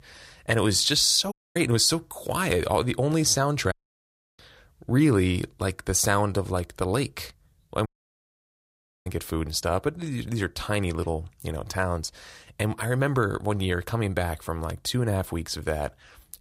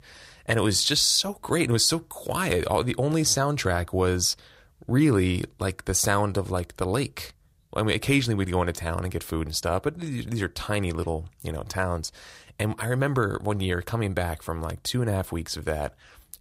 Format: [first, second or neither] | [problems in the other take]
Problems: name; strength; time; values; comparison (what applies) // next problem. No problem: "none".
second | audio cutting out; at 1.5 s, at 3.5 s for 0.5 s and at 8 s for 1 s